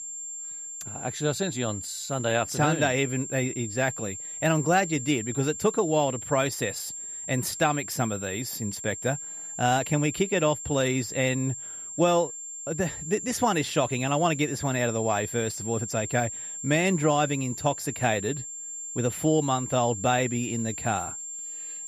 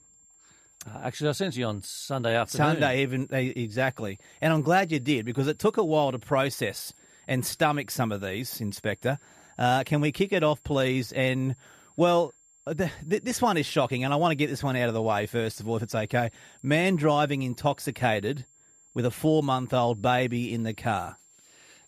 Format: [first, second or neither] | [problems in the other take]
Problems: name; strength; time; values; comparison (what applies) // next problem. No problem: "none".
second | high-pitched whine; loud; throughout; 7.5 kHz, 7 dB below the speech; faint in the second